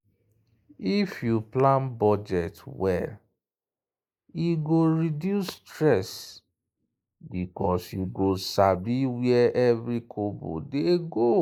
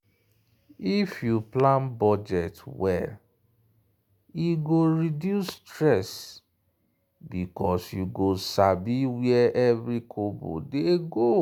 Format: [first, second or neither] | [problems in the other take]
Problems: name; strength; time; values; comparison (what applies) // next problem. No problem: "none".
second | noise reduction (neural mask model Resemble Enhance denoiser)